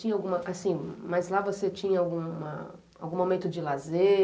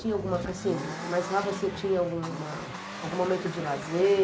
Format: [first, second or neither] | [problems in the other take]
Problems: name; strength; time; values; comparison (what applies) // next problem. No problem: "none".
first | background sound (Accelerating, revving, vroom); 9 dB below the speech